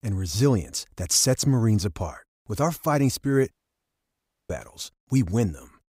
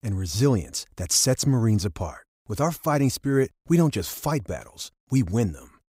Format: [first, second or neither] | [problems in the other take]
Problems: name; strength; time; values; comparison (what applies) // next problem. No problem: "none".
second | audio cutting out; at 3.5 s for 1 s